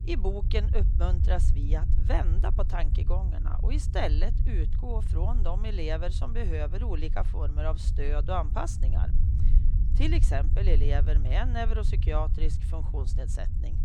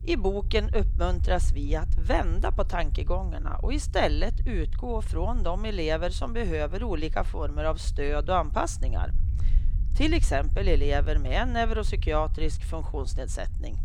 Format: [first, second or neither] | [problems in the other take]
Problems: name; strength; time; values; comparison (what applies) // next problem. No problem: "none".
second | low rumble; loud; throughout; 10 dB below the speech; faint in the second